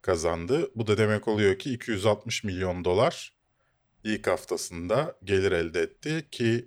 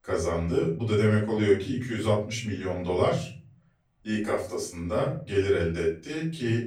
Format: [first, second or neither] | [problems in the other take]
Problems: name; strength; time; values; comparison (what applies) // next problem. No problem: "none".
first | room echo; slight; dies away in 0.5 s // off-mic speech; far